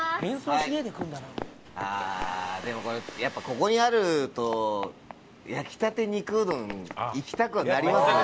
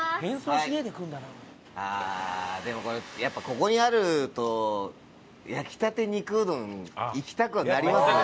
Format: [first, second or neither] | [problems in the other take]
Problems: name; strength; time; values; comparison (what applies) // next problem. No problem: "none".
second | background sound (Run); 16 dB below the speech